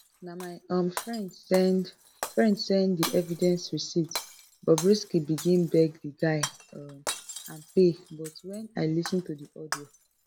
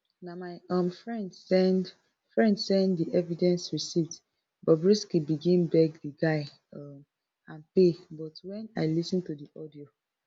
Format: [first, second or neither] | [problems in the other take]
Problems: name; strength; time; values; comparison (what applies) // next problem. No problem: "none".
second | background sound (Shatter); 13 dB below the speech